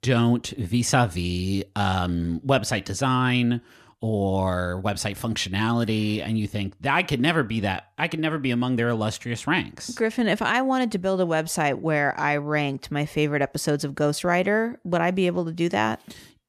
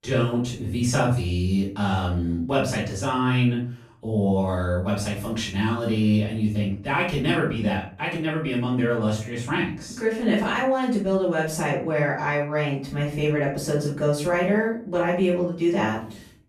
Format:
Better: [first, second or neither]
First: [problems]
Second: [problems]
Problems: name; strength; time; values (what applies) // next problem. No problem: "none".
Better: first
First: none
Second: room echo; noticeable; dies away in 0.4 s // off-mic speech; far